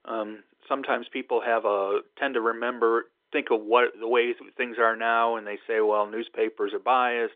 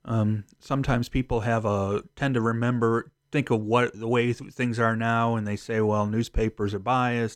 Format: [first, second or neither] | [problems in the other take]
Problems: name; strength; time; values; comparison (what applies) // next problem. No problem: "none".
second | phone-call audio